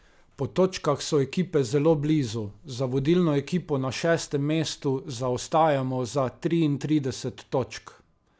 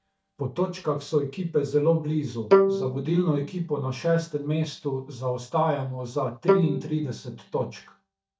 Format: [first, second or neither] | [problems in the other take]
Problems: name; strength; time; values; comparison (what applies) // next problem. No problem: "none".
first | noise reduction (neural mask model DeepFilterNet 3)